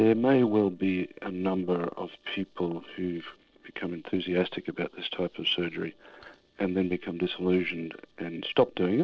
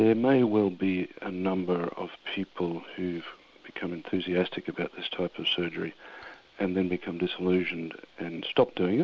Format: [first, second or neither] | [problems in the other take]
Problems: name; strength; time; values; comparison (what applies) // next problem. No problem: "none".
second | noise reduction (neural separator model SepFormer DNS4)